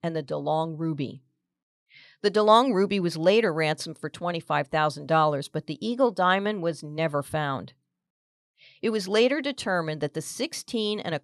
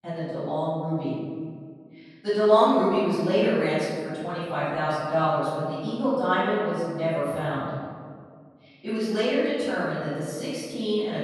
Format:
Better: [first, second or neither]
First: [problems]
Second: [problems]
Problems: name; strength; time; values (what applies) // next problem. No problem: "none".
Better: first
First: none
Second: off-mic speech; far // room echo; strong; dies away in 1.9 s